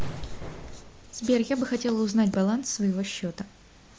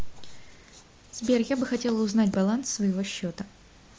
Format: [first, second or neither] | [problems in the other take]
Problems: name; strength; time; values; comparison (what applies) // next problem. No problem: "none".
second | background sound (Explosion); 15 dB below the speech